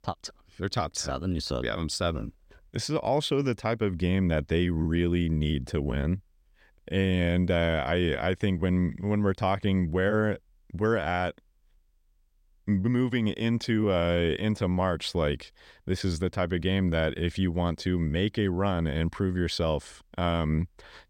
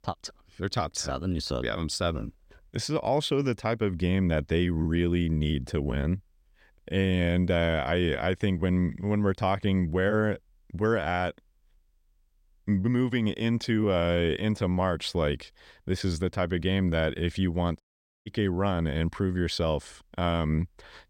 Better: first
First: none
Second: audio cutting out; at 18 s

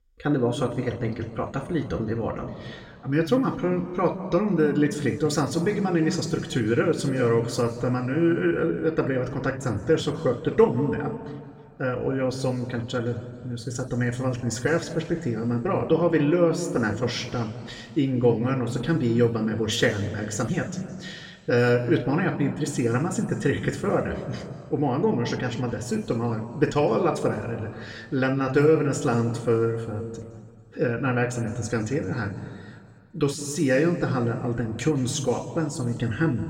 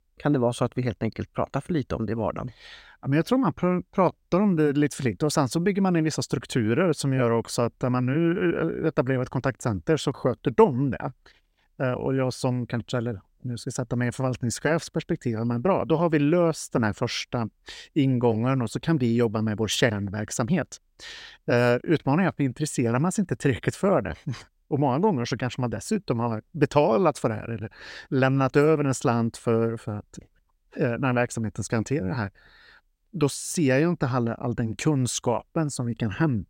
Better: second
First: room echo; slight; dies away in 1.8 s // off-mic speech; somewhat distant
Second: none

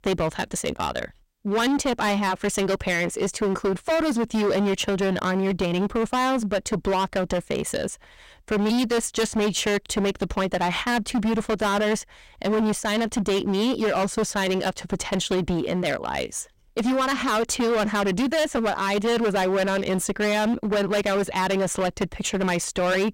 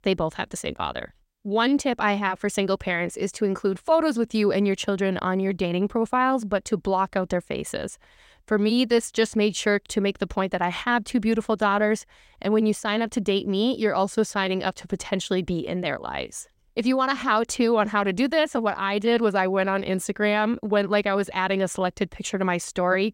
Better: second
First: distortion; heavy; 22% of the sound clipped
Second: none

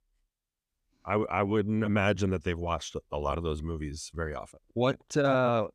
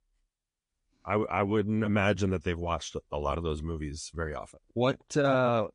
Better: first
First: none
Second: garbled, watery; slightly; nothing above 10.5 kHz

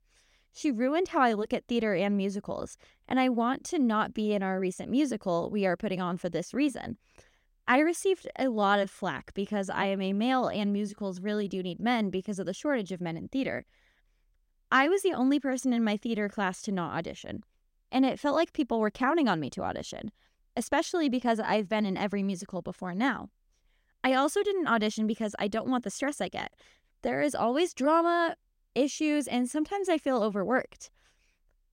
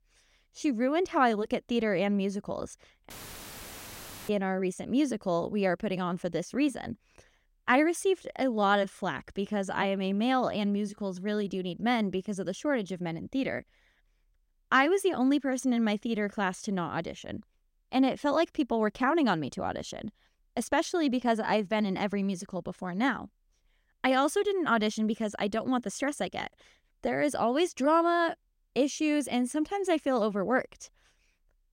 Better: first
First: none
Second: audio cutting out; filled with static; at 3 s for 1 s

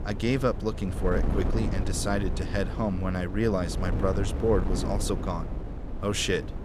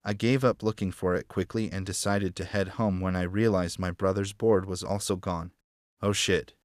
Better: second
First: wind noise on the microphone; heavy; 9 dB below the speech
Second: none

